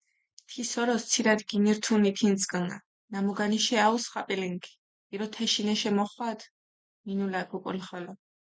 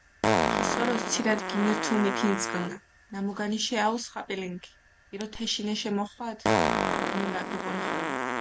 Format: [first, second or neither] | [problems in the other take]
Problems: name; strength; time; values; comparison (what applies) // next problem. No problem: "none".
first | background sound (Fart); as loud as the speech